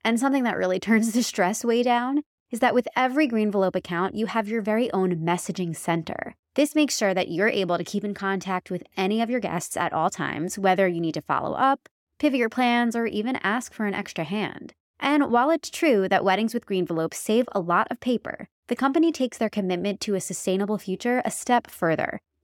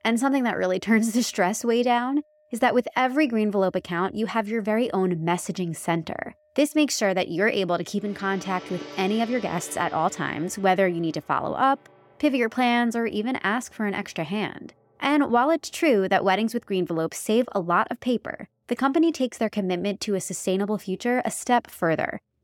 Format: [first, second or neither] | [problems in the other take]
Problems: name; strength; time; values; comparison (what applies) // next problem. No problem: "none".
first | background music; noticeable; throughout; 20 dB below the speech